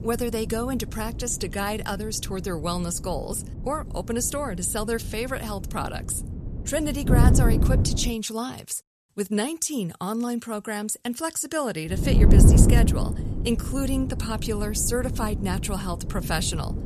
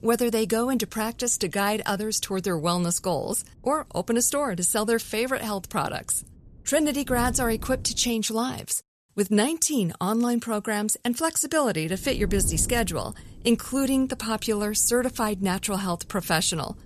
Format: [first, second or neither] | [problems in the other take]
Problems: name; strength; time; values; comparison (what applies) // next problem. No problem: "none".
second | wind noise on the microphone; heavy; until 8 s and from 12 s on; 5 dB below the speech; occasional gusts in the second